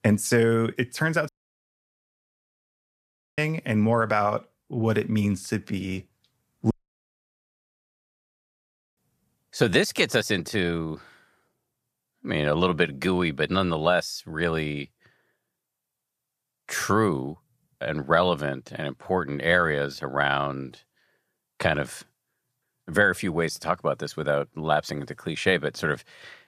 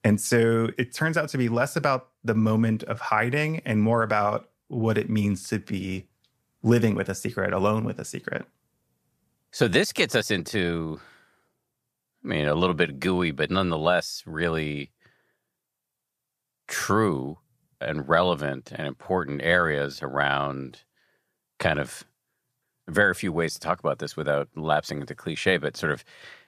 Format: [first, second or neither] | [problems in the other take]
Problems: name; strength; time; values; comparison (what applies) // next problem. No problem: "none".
second | audio cutting out; at 1.5 s for 2 s and at 6.5 s for 2.5 s